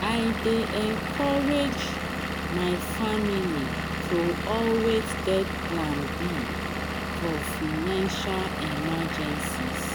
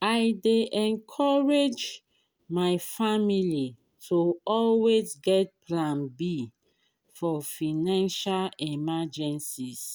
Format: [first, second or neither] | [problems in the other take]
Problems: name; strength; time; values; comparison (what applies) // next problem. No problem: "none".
second | background sound (Engine / Vehicle); 1 dB below the speech